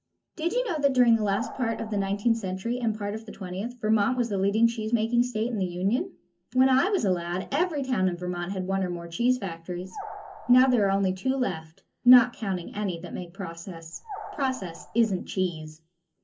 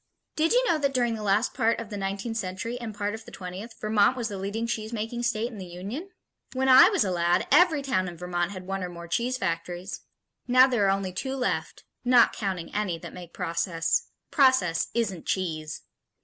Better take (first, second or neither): second